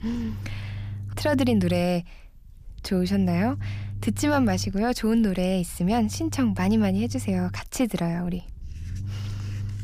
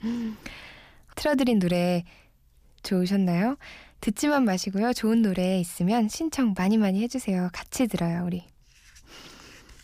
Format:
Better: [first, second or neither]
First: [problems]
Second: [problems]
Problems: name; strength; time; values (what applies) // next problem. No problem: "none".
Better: second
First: low rumble; faint; throughout; 20 dB below the speech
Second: none